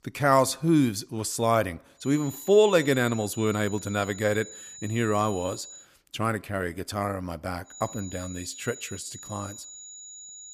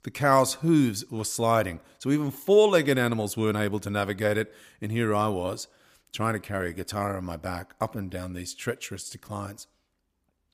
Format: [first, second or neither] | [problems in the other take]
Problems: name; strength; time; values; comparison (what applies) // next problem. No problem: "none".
second | high-pitched whine; noticeable; from 2 to 6 s and from 7.5 s on; 7 kHz, 15 dB below the speech